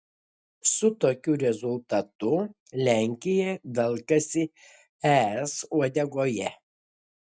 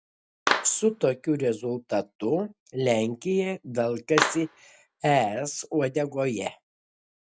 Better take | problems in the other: first | background sound (Clapping); 3 dB below the speech

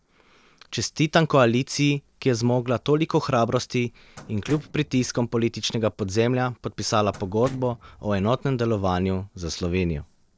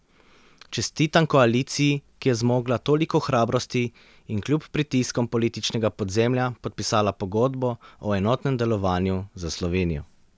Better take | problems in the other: second | noise reduction (neural separator model SepFormer DNS4)

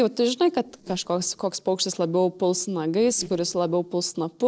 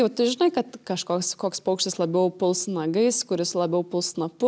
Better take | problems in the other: second | noise reduction (neural separator model SepFormer DNS4)

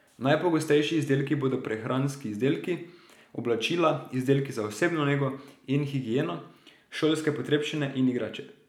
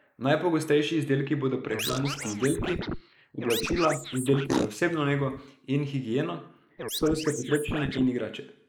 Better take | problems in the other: first | noise reduction (neural mask model Resemble Enhance denoiser)

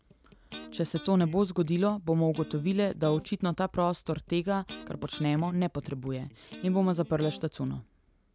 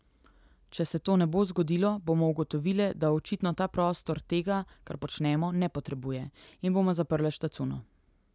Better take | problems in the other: second | background sound (Electric guitar); 18 dB below the speech

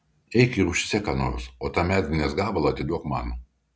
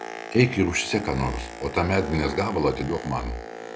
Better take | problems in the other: first | background sound (Boat, Water vehicle); 12 dB below the speech

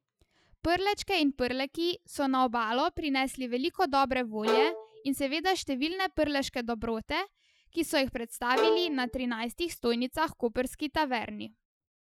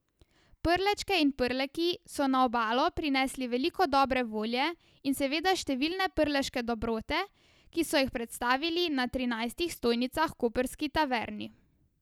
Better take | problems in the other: second | noise reduction (classical method Wiener filter)

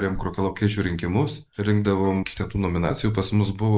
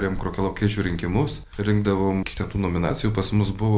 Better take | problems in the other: second | noise reduction (neural mask model Resemble Enhance denoiser)

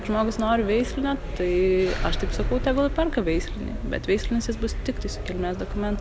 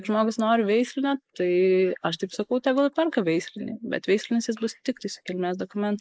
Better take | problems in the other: first | noise reduction (neural mask model Resemble Enhance denoiser)

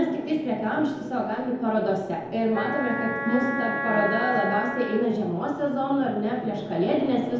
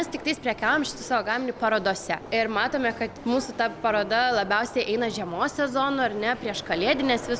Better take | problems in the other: second | background sound (Wind instrument, woodwind instrument); 6 dB below the speech // room echo; dies away in 1 s

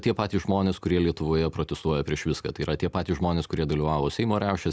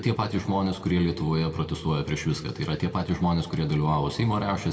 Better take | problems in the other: first | room echo; dies away in 1.6 s

